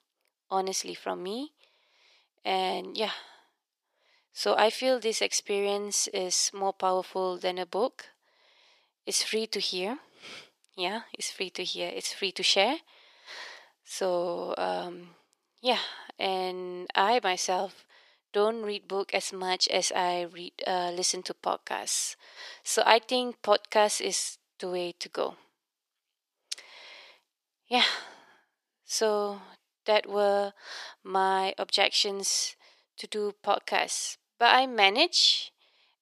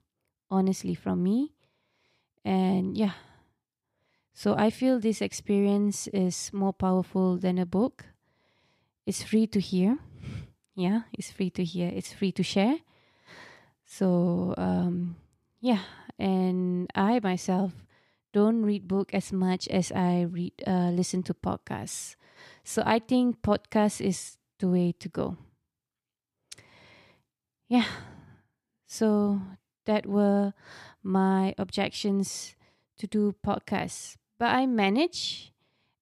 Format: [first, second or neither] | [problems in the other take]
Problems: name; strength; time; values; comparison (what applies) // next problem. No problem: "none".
second | thin; very; fading below 450 Hz